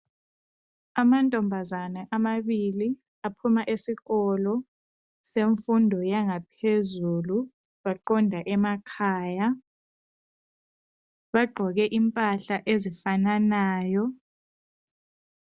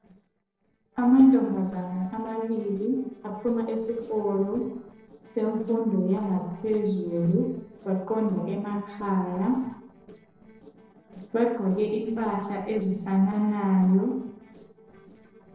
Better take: first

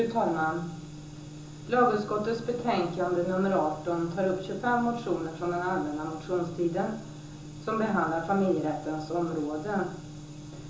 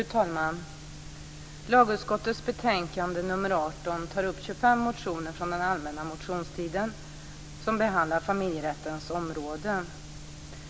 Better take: second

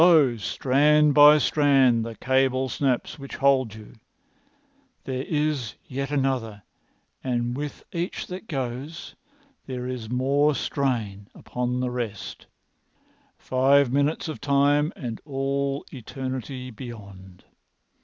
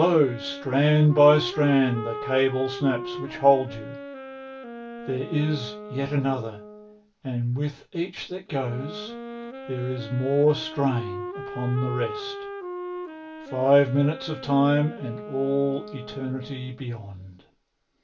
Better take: first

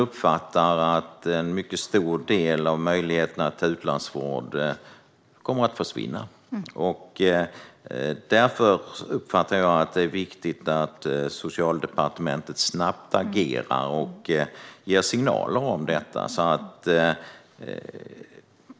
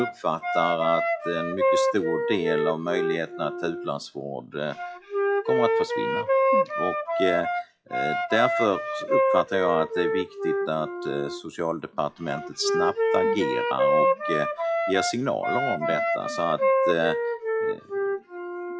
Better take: first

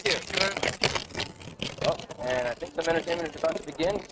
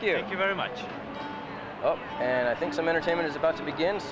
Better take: second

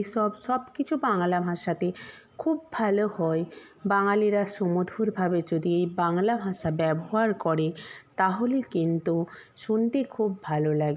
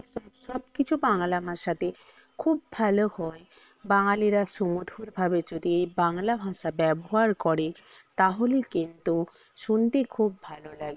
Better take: first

